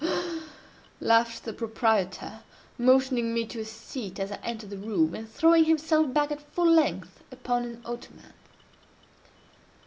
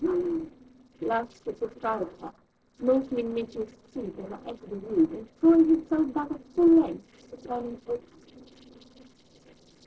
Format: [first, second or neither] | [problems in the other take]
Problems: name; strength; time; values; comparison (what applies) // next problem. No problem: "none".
first | noise reduction (neural separator model SepFormer DNS4)